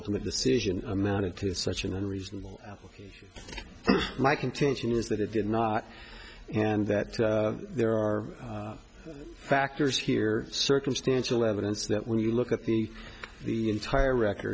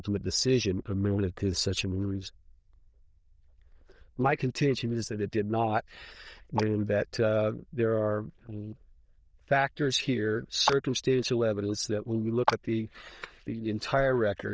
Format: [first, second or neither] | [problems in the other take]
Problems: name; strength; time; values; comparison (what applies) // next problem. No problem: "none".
first | noise reduction (neural diffusion model UNIVERSE++)